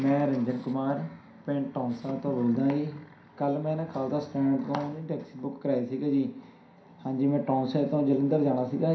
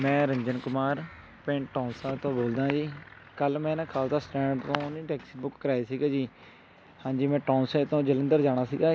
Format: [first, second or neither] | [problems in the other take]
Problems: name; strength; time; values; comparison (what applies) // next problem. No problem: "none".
second | room echo; dies away in 0.5 s